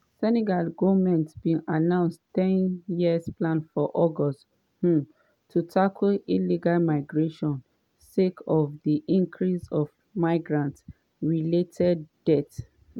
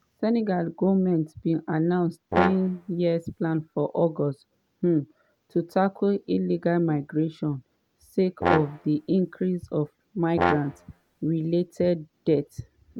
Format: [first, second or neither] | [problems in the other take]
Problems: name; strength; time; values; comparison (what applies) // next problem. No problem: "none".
first | background sound (Brass instrument); 4 dB below the speech